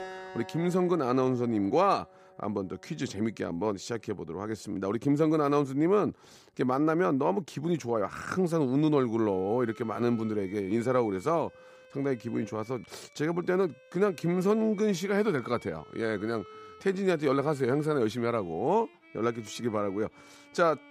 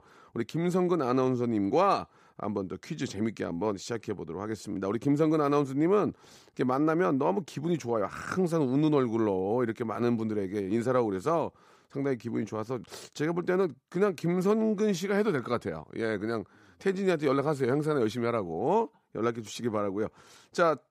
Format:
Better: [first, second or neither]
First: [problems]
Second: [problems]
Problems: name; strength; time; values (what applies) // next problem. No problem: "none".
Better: second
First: background music; faint; throughout; 20 dB below the speech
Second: none